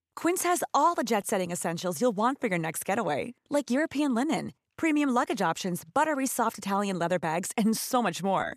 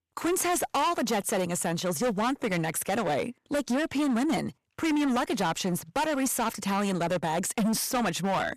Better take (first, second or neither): first